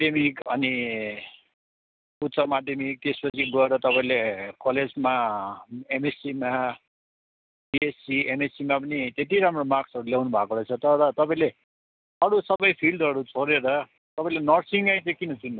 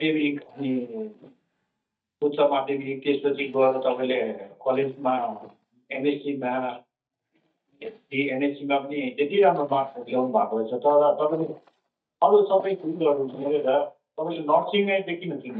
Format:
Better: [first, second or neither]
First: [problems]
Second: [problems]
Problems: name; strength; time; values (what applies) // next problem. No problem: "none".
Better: first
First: none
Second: noise reduction (neural mask model DeepFilterNet 3)